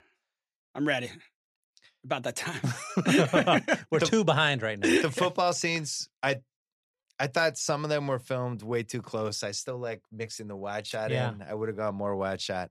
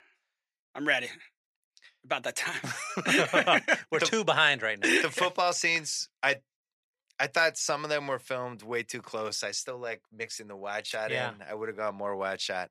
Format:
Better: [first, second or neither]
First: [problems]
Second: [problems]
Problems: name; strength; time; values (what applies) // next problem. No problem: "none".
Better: first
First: none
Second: thin; somewhat; fading below 1 kHz